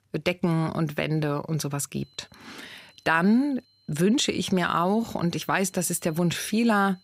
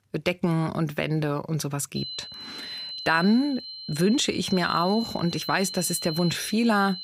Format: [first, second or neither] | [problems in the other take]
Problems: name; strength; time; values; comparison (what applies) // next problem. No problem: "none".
first | high-pitched whine; loud; from 2 s on; 4 kHz, 9 dB below the speech; faint in the first